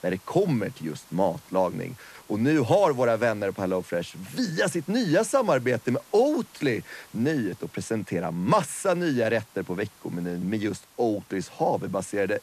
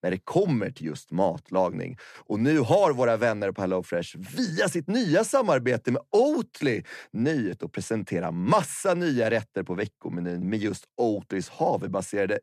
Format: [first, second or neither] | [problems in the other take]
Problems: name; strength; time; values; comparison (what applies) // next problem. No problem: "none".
second | hiss; faint; throughout; 25 dB below the speech